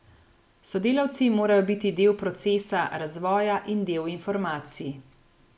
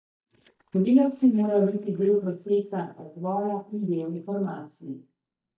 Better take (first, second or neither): first